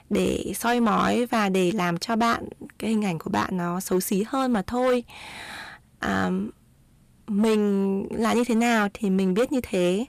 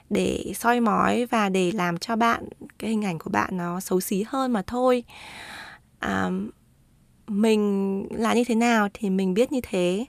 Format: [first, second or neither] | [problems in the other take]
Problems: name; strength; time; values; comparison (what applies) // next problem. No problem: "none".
second | distortion; slight; 7% of the sound clipped